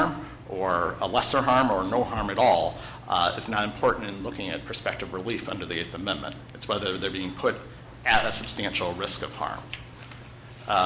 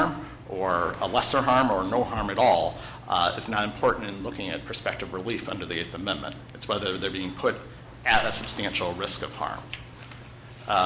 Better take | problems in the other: first | background sound (Gunshot, gunfire); 20 dB below the speech

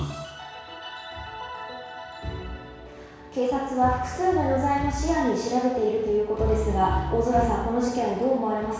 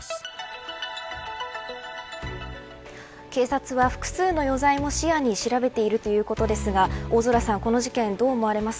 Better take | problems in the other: second | room echo; dies away in 1.1 s

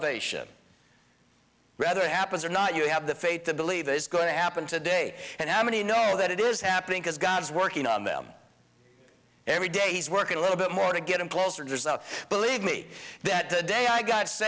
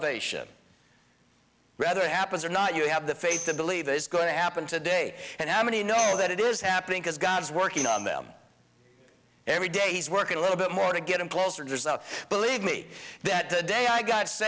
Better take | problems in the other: first | background sound (Tambourine); 12 dB below the speech

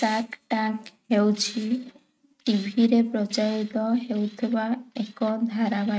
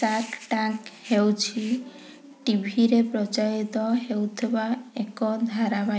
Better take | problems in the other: second | noise reduction (neural mask model RNNoise)

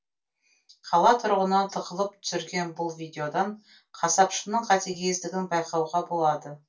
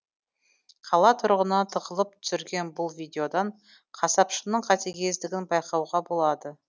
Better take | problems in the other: second | room echo; dies away in 0.2 s

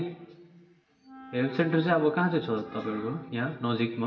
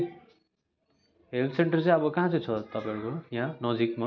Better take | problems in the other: second | background sound (Wind instrument, woodwind instrument); 19 dB below the speech // room echo; dies away in 1.1 s

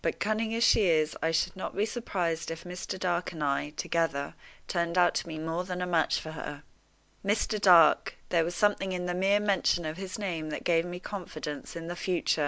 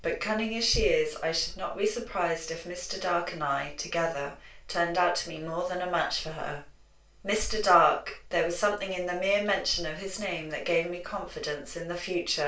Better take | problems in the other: first | room echo; dies away in 0.3 s

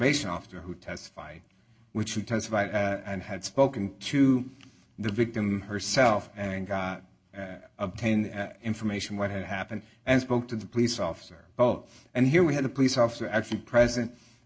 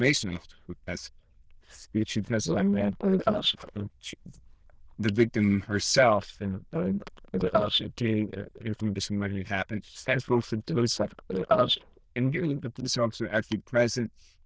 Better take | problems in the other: first | noise reduction (neural diffusion model UNIVERSE++)

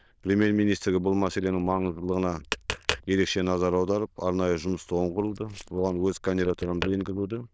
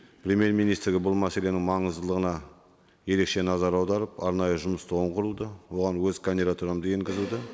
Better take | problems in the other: second | noise reduction (neural diffusion model UNIVERSE++)

